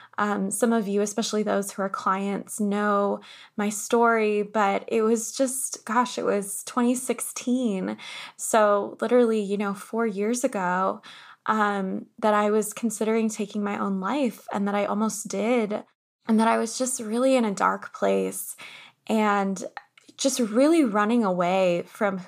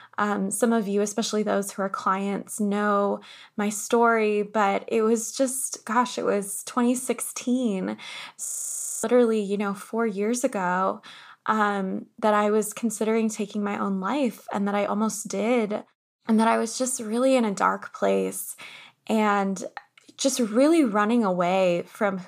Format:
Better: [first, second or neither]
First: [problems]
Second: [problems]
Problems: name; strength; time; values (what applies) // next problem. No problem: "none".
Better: first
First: none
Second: audio freezing; at 8.5 s for 0.5 s